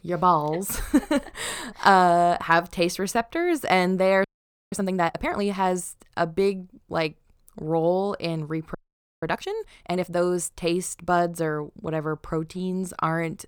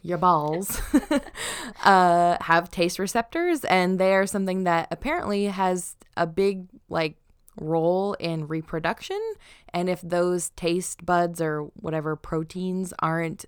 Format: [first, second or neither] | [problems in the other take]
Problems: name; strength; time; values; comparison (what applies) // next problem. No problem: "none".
second | audio freezing; at 4 s and at 9 s